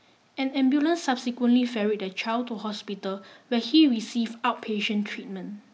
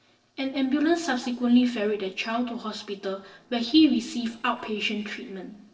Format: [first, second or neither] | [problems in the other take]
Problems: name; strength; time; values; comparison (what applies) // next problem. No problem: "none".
first | noise reduction (neural separator model SepFormer DNS4)